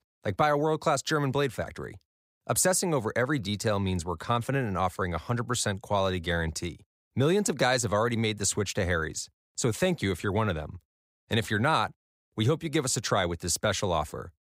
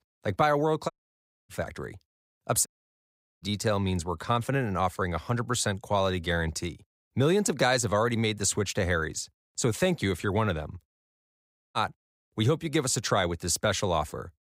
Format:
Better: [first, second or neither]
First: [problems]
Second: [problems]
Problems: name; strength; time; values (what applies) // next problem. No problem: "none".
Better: first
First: none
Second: audio cutting out; at 1 s for 0.5 s, at 2.5 s for 1 s and at 11 s for 0.5 s